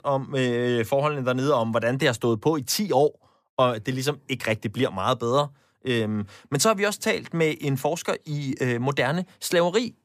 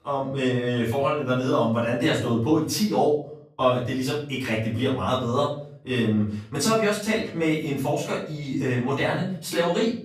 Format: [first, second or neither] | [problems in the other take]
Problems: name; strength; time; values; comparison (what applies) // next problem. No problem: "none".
first | off-mic speech; far // room echo; noticeable; dies away in 0.5 s